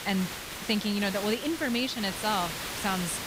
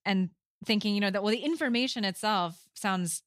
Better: second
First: hiss; loud; throughout; 6 dB below the speech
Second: none

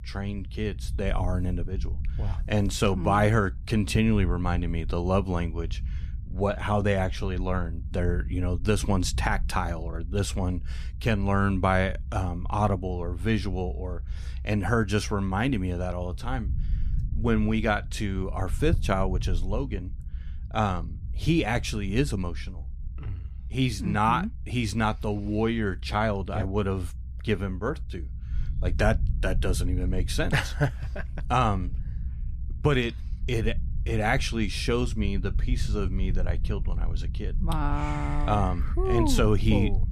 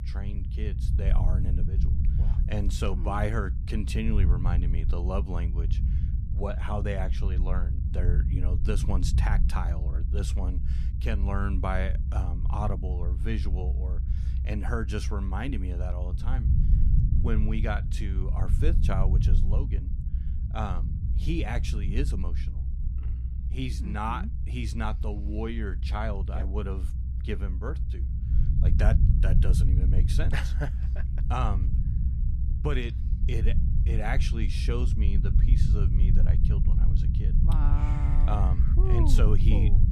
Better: first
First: low rumble; faint; throughout; 20 dB below the speech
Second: low rumble; loud; throughout; 7 dB below the speech

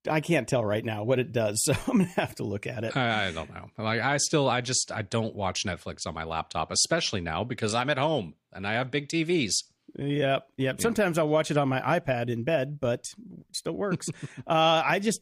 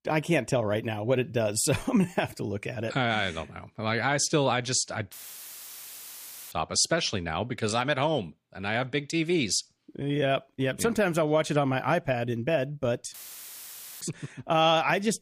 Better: first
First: none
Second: audio cutting out; filled with static; at 5 s for 1.5 s and at 13 s for 1 s

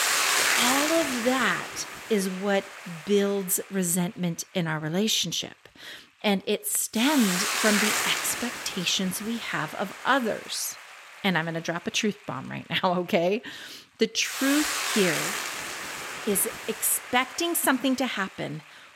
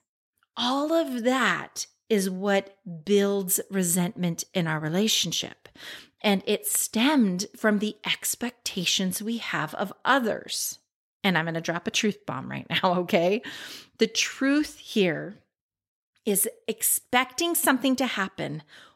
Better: second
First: hiss; loud; throughout; 2 dB below the speech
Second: none

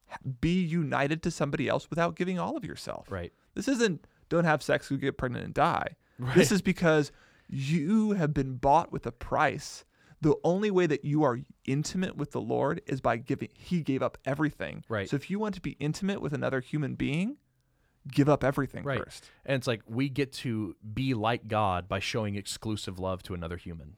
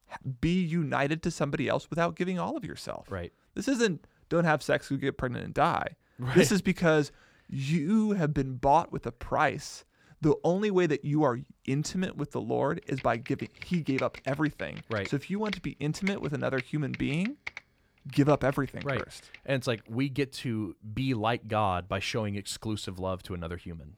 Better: first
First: none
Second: keyboard typing; noticeable; from 13 to 19 s; peak 9 dB below the speech

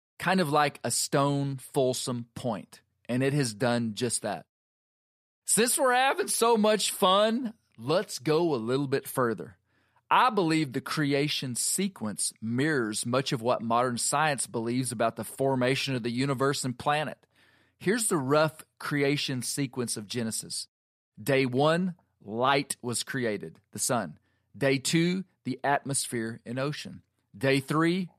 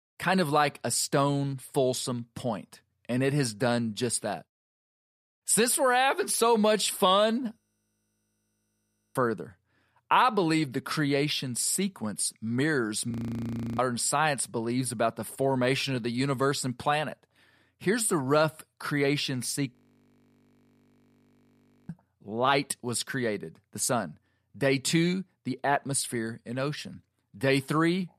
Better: first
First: none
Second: audio freezing; at 7.5 s for 1.5 s, at 13 s for 0.5 s and at 20 s for 2 s

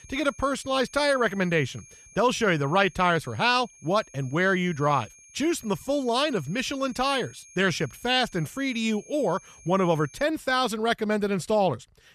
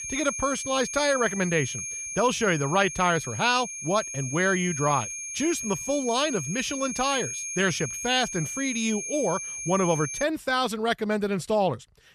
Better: first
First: high-pitched whine; faint; until 10 s; 6.5 kHz, 25 dB below the speech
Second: high-pitched whine; loud; until 10 s; 6.5 kHz, 6 dB below the speech

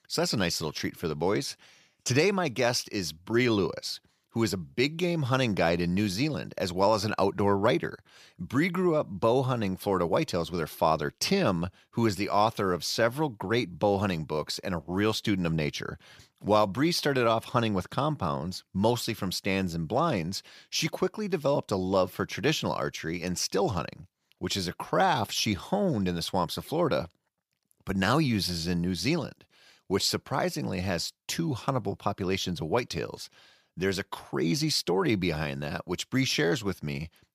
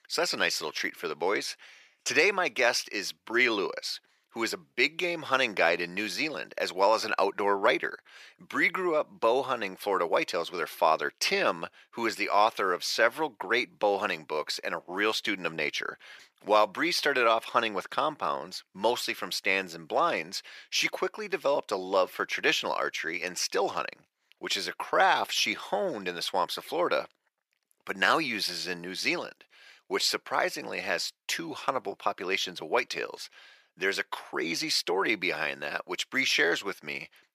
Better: first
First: none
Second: thin; somewhat; fading below 450 Hz

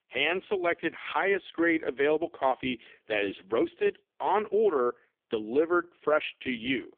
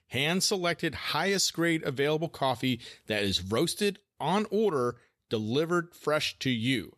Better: second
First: phone-call audio; poor line; nothing above 3.5 kHz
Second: none

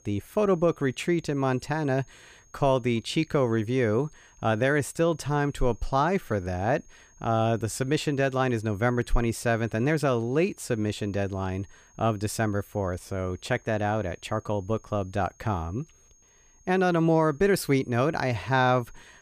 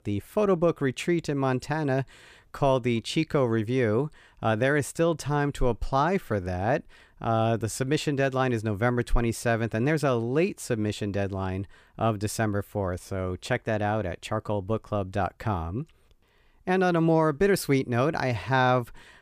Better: second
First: high-pitched whine; faint; throughout; 6.5 kHz, 30 dB below the speech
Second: none

